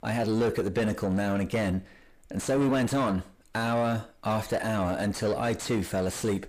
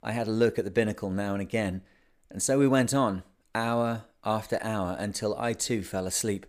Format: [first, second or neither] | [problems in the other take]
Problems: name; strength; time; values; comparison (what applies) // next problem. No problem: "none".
second | distortion; heavy; 6 dB below the speech